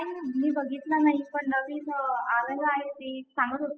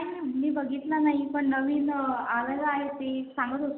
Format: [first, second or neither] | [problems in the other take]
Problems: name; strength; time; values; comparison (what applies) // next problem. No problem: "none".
second | noise reduction (classical method spectral subtraction)